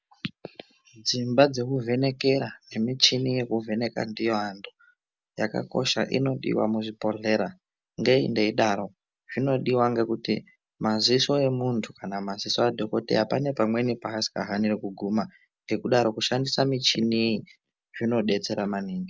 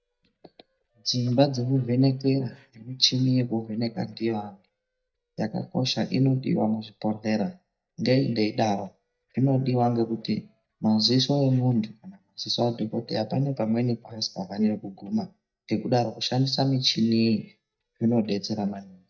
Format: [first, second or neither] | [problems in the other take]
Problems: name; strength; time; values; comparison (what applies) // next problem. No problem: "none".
first | noise reduction (neural mask model DeepFilterNet 3)